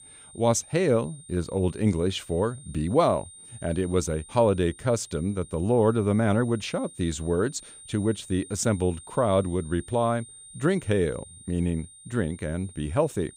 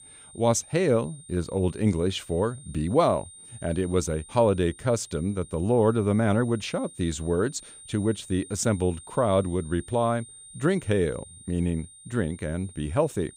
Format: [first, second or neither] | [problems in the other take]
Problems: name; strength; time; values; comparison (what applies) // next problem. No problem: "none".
neither | high-pitched whine; noticeable; throughout; 9 kHz, 20 dB below the speech; the same in both